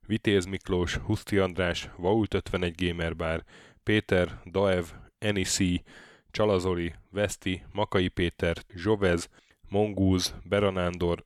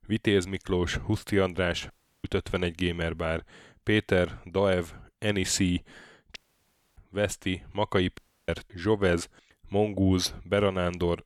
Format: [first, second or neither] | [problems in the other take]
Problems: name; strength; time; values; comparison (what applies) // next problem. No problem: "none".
first | audio cutting out; at 2 s, at 6.5 s for 0.5 s and at 8 s